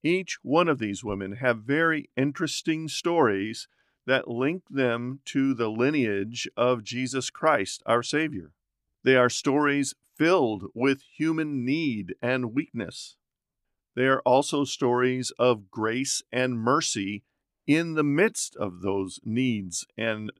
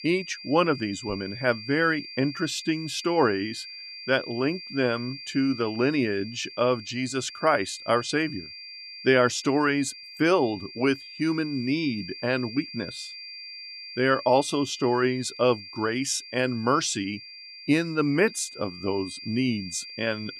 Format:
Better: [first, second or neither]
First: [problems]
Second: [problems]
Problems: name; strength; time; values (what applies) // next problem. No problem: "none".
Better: first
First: none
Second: high-pitched whine; noticeable; throughout; 4.5 kHz, 15 dB below the speech